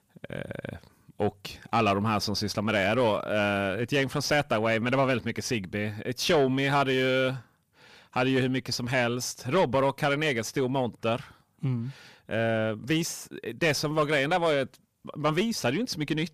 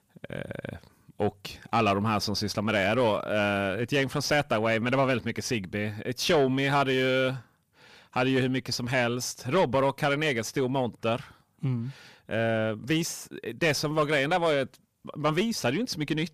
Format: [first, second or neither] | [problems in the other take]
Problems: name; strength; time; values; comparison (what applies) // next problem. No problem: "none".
neither | distortion; slight; 10 dB below the speech; the same in both